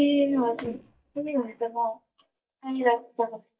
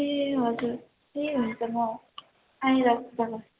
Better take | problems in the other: second | noise reduction (neural mask model DeepFilterNet 3)

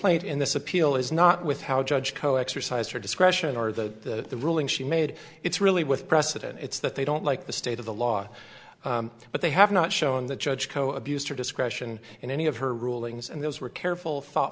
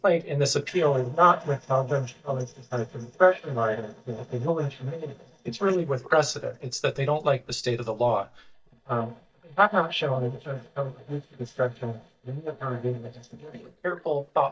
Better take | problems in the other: first | noise reduction (neural mask model DeepFilterNet 3)

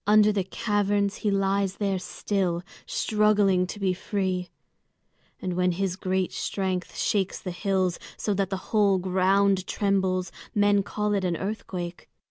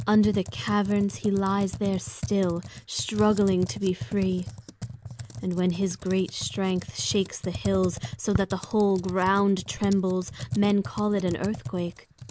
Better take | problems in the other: first | background sound (Computer keyboard); 11 dB below the speech

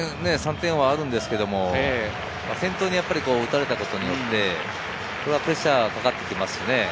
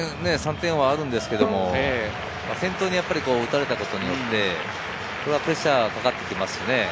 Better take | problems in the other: first | background sound (Bowed string instrument); 9 dB below the speech

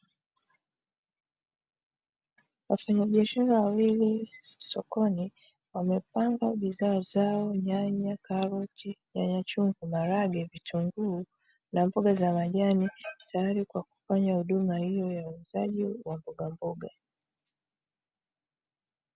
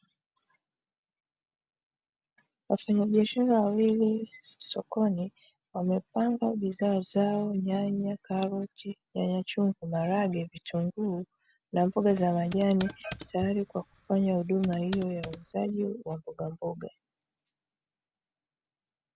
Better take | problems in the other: first | background sound (Computer keyboard); 15 dB below the speech

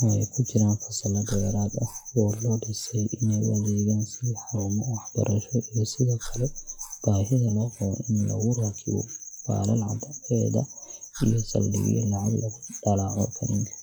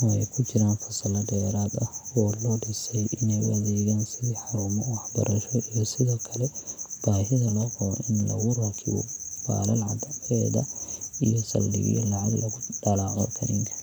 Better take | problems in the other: second | noise reduction (classical method log-MMSE)

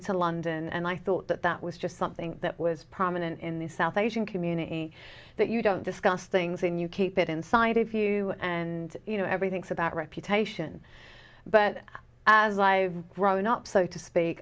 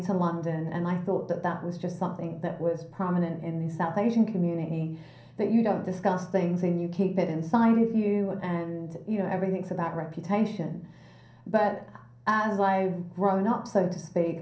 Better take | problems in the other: first | room echo; dies away in 0.6 s

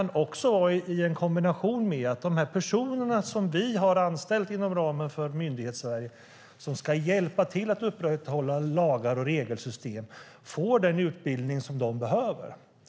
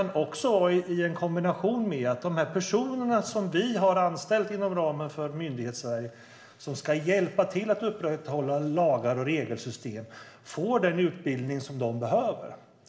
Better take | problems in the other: first | room echo; dies away in 0.8 s

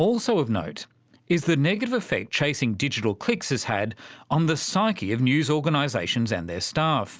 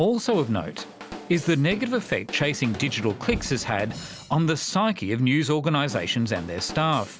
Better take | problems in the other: first | background sound (Knock + Drum / Drum kit); 15 dB below the speech

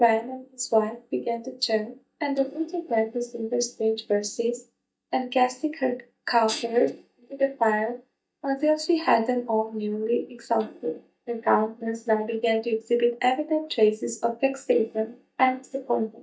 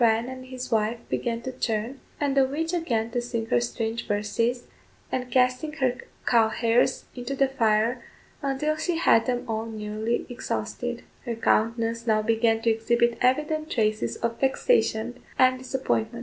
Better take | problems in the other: second | noise reduction (neural mask model DeepFilterNet 3)

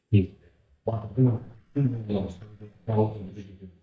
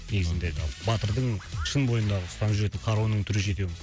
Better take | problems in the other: second | noise reduction (neural mask model DeepFilterNet 3)

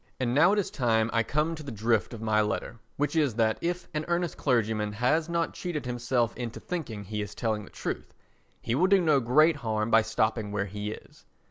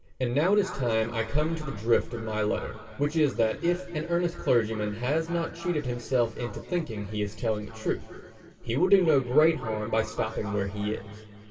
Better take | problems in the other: first | room echo; dies away in 2.9 s

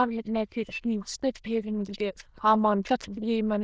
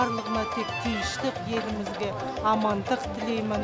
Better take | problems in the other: second | noise reduction (neural diffusion model UNIVERSE++)

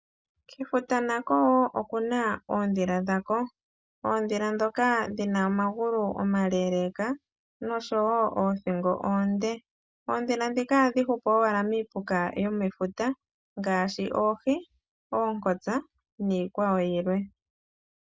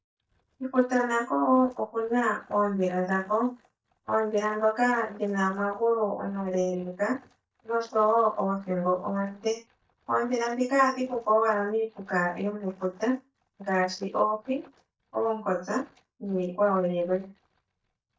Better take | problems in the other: first | noise reduction (neural mask model DeepFilterNet 3)

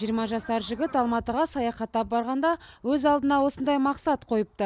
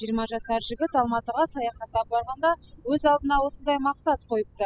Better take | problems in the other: first | noise reduction (classical method spectral subtraction)

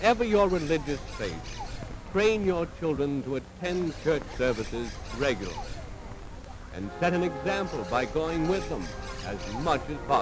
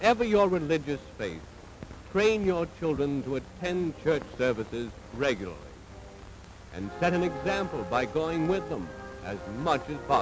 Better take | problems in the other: second | background sound (Bird); 11 dB below the speech

